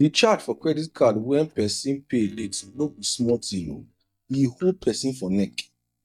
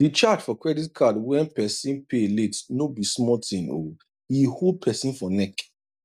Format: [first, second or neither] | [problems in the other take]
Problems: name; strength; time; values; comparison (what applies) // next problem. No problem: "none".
second | noise reduction (neural mask model DeepFilterNet 3)